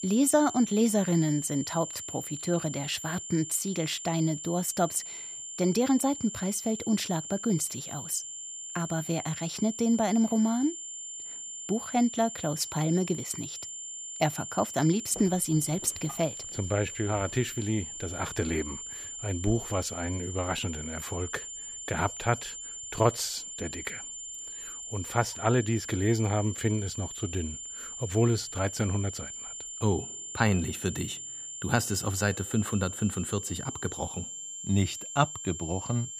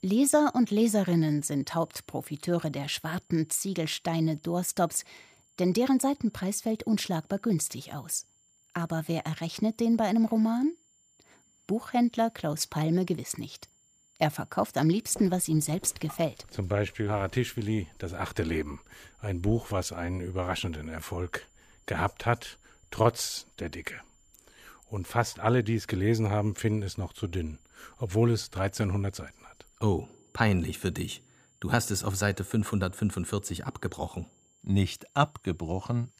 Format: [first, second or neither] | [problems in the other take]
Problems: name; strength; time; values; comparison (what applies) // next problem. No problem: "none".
second | high-pitched whine; loud; throughout; 7 kHz, 8 dB below the speech; faint in the second